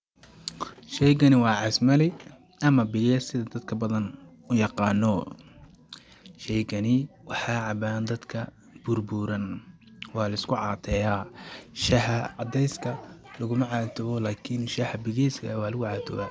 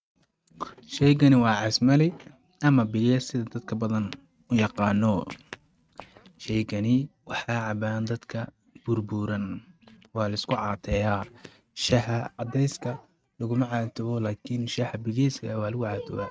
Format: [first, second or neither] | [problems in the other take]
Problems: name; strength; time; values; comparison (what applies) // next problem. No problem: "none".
first | noise reduction (neural mask model RNNoise)